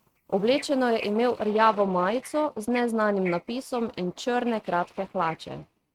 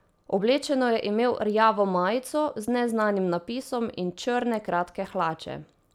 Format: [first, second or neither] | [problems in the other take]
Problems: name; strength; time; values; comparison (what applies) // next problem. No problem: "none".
second | noise reduction (neural mask model RNNoise)